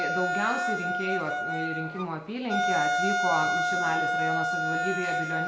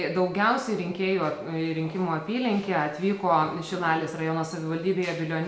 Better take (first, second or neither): second